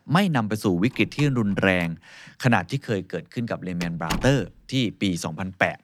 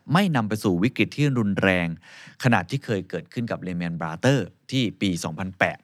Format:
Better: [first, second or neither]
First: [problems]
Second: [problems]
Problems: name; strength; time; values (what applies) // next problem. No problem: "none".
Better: second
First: door banging; noticeable; from 1 to 4.5 s; peak 6 dB below the speech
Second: none